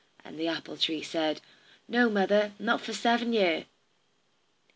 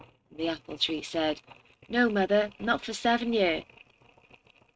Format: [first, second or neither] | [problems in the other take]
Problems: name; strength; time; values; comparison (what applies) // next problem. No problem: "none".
first | noise reduction (neural mask model RNNoise)